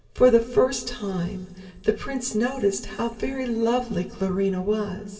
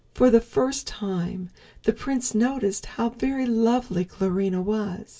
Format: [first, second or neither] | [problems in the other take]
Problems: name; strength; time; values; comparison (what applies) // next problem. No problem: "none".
second | room echo; dies away in 1.8 s